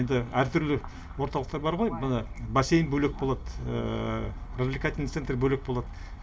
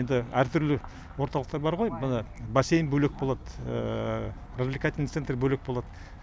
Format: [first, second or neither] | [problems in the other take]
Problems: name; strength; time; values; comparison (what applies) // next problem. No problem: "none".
second | room echo; dies away in 0.2 s